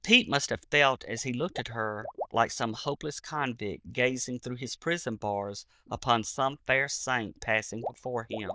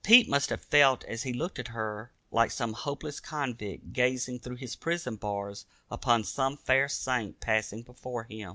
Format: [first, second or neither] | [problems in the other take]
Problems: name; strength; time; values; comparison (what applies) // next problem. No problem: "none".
second | noise reduction (neural diffusion model UNIVERSE++)